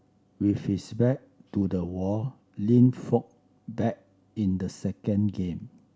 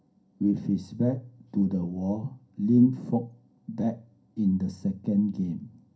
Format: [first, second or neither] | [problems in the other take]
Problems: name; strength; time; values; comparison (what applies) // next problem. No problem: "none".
first | room echo; dies away in 0.3 s